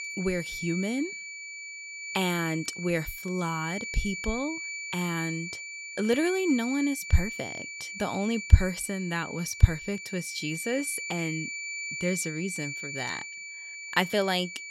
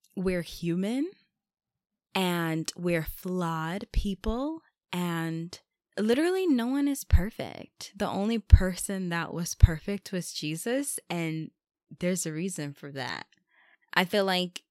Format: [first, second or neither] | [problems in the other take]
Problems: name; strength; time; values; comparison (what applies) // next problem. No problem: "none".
second | high-pitched whine; loud; throughout; 2.5 kHz, 6 dB below the speech